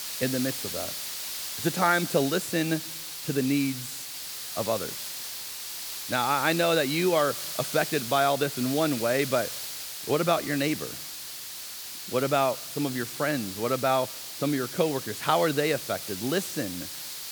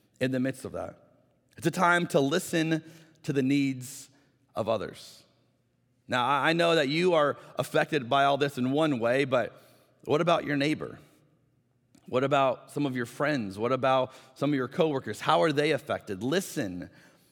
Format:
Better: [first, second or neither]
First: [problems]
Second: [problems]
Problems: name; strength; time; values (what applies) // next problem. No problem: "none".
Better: second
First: hiss; loud; throughout; 6 dB below the speech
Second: none